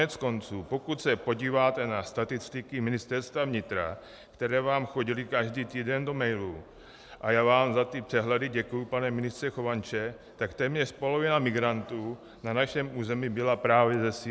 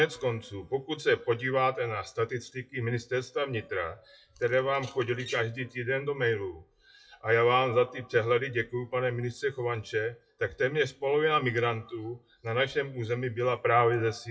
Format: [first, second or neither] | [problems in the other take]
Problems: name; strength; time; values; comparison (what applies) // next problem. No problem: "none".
first | noise reduction (classical method WPE with log-MMSE)